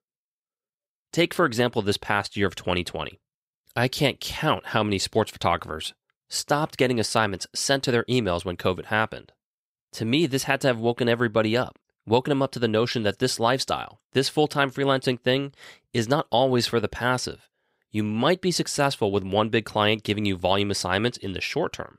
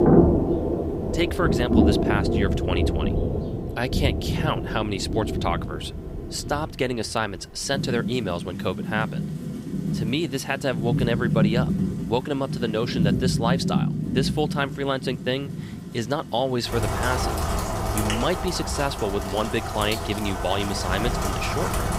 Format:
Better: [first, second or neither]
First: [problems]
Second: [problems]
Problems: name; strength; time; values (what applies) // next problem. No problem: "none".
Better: first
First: none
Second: rain or running water; very loud; throughout; 1 dB above the speech